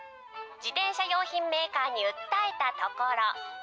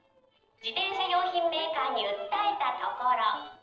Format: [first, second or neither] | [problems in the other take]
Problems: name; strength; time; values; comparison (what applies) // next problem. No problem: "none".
first | noise reduction (neural separator model SepFormer DNS4)